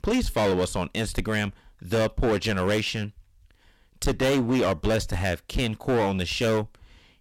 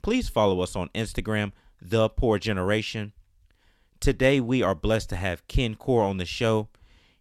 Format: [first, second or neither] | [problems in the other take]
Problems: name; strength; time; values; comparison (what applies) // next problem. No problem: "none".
second | distortion; heavy; 16% of the sound clipped